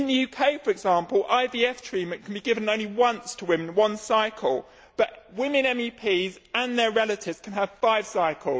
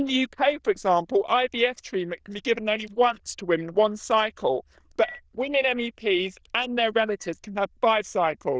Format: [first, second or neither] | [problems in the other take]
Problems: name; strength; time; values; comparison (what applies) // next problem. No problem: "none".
first | noise reduction (neural diffusion model UNIVERSE++)